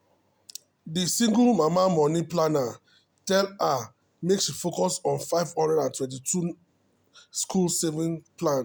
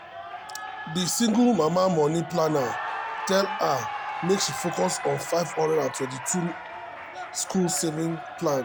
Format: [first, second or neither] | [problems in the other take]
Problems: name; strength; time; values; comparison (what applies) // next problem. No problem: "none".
first | background sound (Cheering); 9 dB below the speech